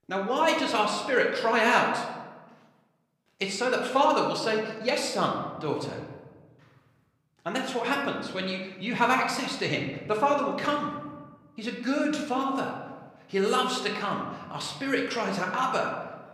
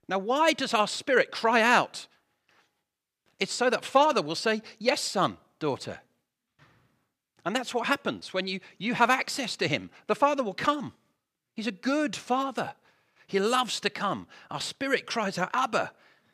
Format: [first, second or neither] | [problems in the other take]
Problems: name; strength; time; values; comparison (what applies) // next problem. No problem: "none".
second | room echo; slight; dies away in 1.1 s // off-mic speech; somewhat distant